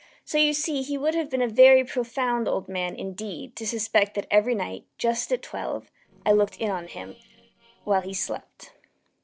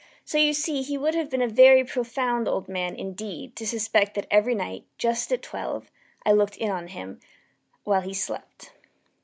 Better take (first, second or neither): second